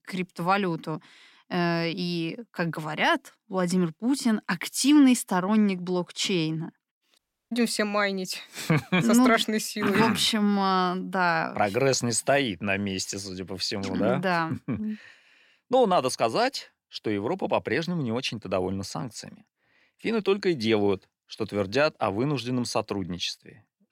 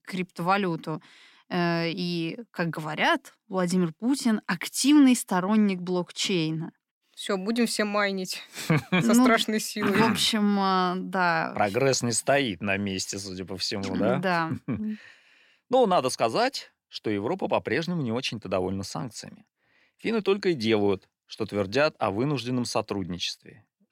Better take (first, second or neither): second